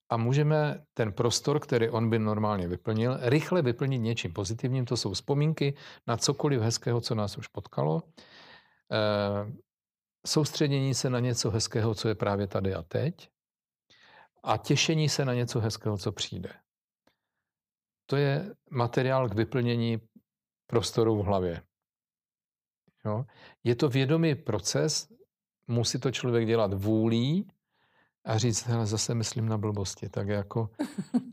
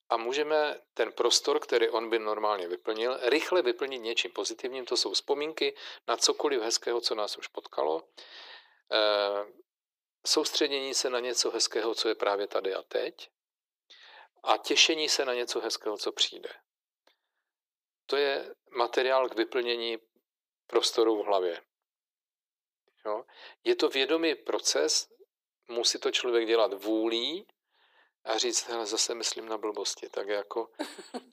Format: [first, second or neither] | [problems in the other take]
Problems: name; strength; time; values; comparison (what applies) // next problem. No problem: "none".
first | thin; very; fading below 350 Hz